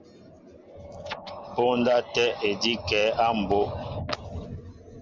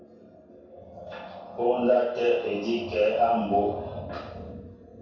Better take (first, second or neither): first